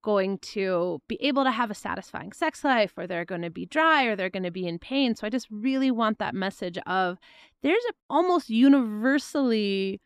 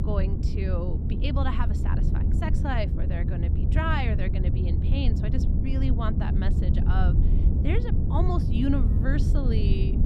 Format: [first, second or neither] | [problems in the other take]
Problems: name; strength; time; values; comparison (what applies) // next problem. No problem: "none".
first | low rumble; loud; throughout; 4 dB below the speech